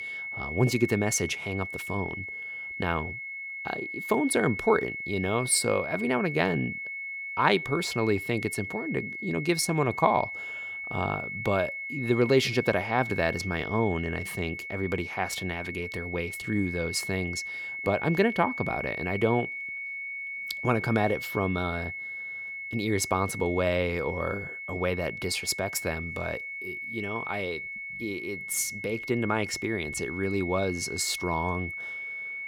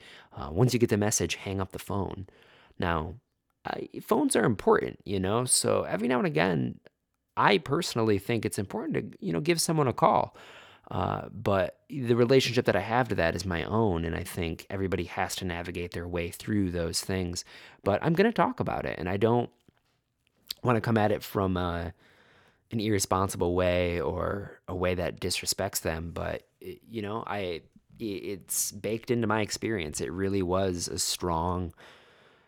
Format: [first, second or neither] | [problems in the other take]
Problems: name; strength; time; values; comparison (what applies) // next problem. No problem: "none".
second | high-pitched whine; loud; throughout; 2 kHz, 6 dB below the speech